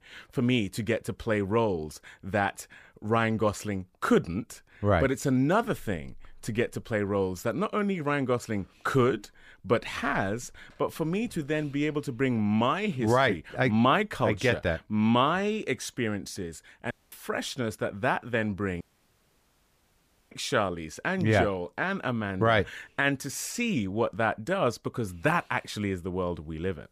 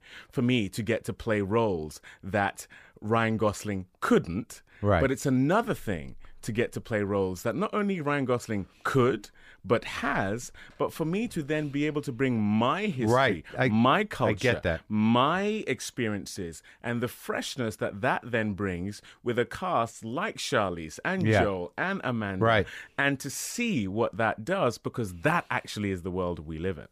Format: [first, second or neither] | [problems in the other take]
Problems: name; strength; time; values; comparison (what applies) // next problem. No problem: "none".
second | audio cutting out; at 17 s and at 19 s for 1.5 s